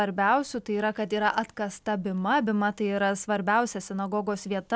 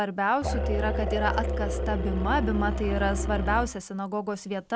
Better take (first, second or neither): first